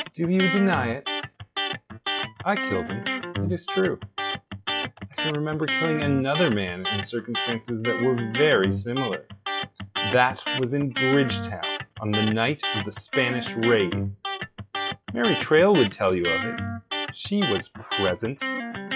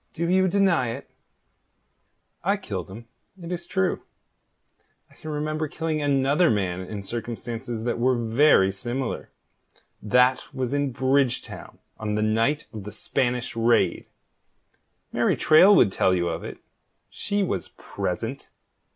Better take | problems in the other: second | noise reduction (classical method log-MMSE)

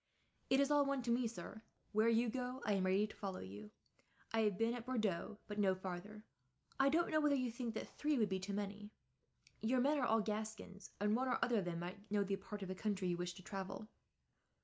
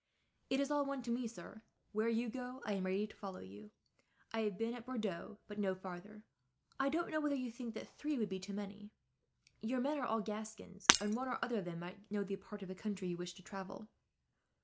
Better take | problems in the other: first | background sound (Shatter); 3 dB above the speech

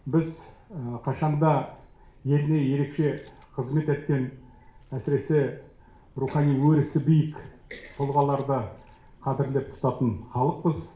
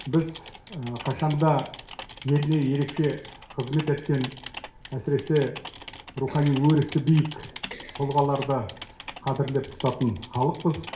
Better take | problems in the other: first | background sound (Typing); 16 dB below the speech

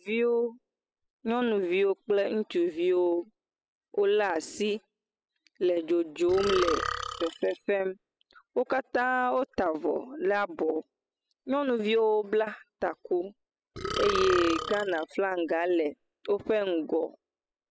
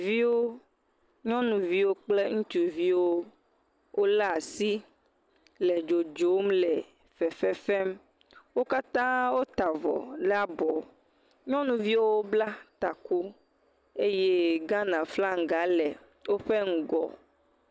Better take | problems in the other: second | noise reduction (classical method spectral subtraction)

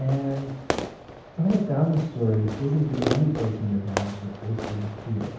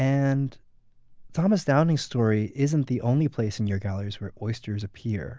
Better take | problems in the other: second | background sound (Fireworks); 8 dB below the speech // room echo; dies away in 0.9 s

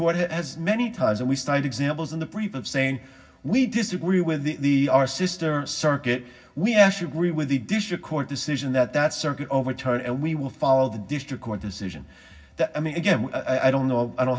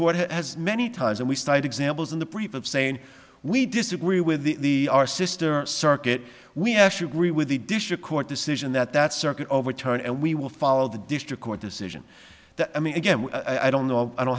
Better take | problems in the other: second | room echo; dies away in 0.4 s

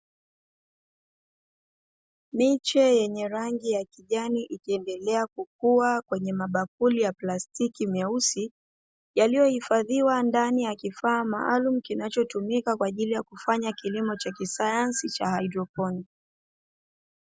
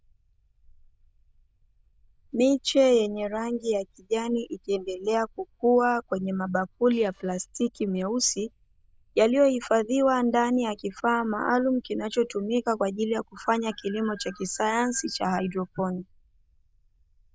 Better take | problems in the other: first | noise reduction (neural diffusion model UNIVERSE++)

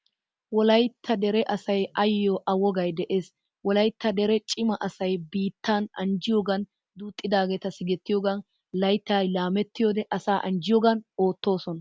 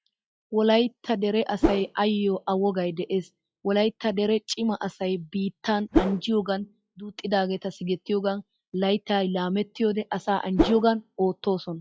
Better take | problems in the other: first | noise reduction (classical method log-MMSE)

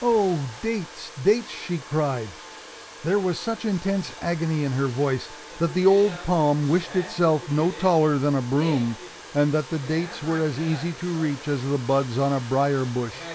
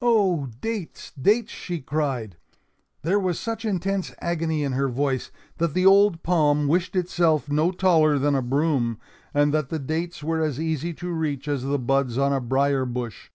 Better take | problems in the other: second | background sound (Domestic sounds, home sounds); 16 dB below the speech

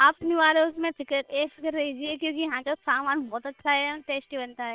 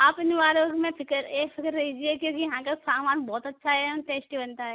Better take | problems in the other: second | noise reduction (neural separator model SepFormer WHAM!)

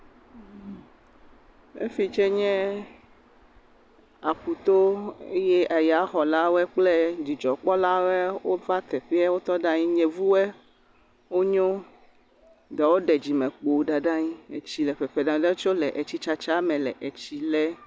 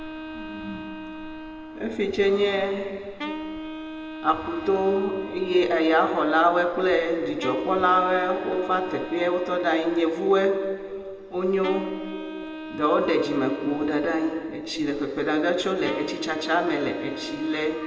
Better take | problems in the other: first | background sound (Wind instrument, woodwind instrument); 12 dB below the speech // room echo; dies away in 2.3 s

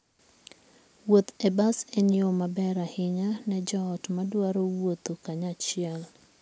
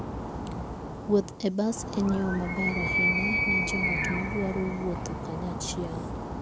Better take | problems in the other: first | background sound (Animal); as loud as the speech

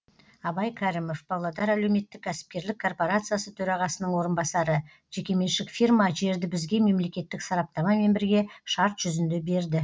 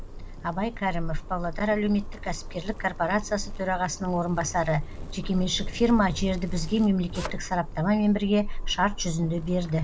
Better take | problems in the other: first | background sound (Zipper (clothing)); 7 dB below the speech

